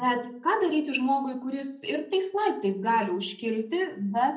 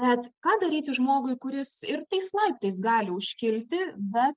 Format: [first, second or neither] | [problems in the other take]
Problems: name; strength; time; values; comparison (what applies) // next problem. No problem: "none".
second | room echo; dies away in 0.5 s